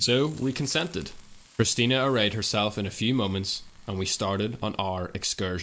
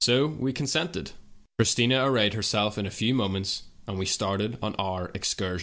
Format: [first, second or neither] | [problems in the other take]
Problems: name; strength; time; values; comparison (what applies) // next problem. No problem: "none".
second | noise reduction (neural mask model Resemble Enhance denoiser)